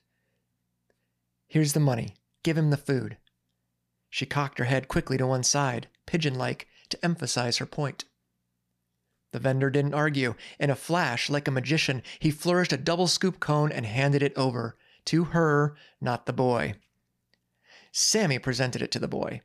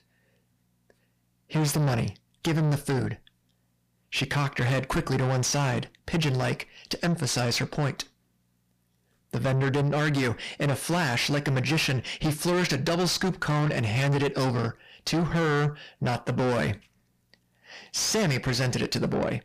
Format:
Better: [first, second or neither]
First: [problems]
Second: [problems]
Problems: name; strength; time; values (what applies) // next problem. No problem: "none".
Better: first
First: none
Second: distortion; heavy; 6 dB below the speech